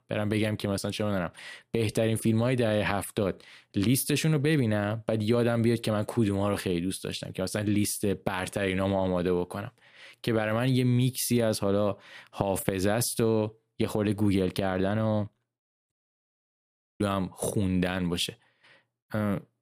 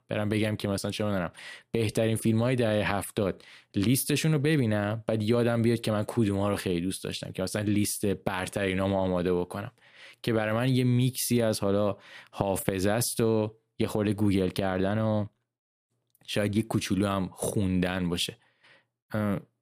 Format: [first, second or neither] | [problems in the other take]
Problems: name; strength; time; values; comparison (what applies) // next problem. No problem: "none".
second | audio cutting out; at 16 s for 1 s